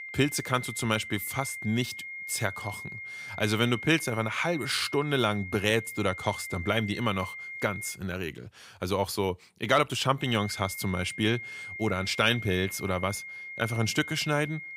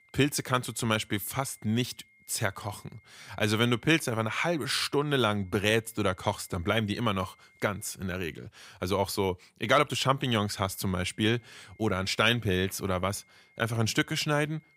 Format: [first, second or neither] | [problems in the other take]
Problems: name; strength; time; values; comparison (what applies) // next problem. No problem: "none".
second | high-pitched whine; loud; until 8 s and from 10 s on; 2 kHz, 9 dB below the speech; faint in the second